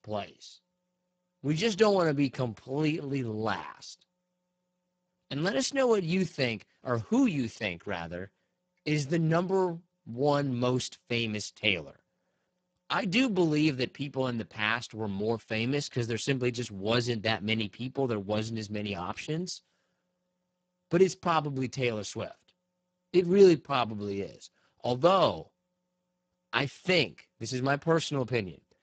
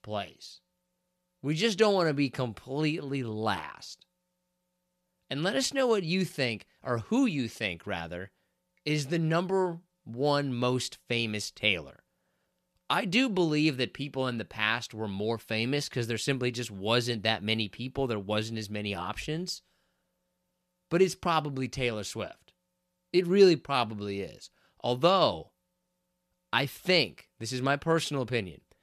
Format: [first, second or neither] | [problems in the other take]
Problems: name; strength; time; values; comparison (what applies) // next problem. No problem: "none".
second | garbled, watery; badly; nothing above 7.5 kHz